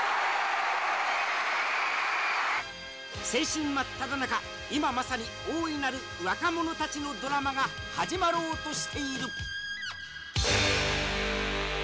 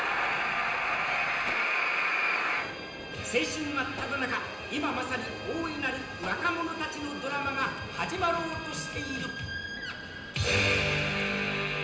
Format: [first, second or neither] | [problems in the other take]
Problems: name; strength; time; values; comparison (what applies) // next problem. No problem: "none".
first | background sound (Gunshot, gunfire); 14 dB below the speech // room echo; dies away in 0.9 s